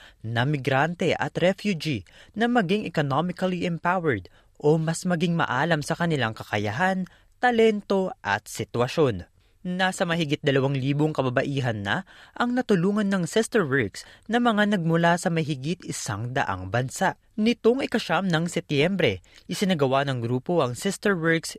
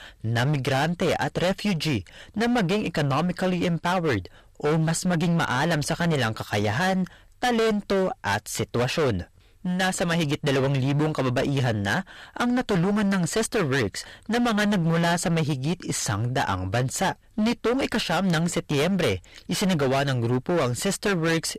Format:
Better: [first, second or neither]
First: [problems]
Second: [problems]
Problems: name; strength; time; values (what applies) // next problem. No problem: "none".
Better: first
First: none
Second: distortion; heavy; 25% of the sound clipped